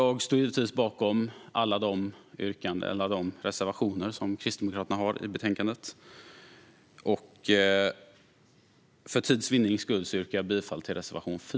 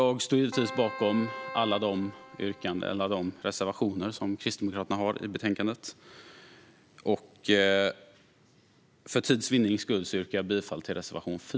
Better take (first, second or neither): first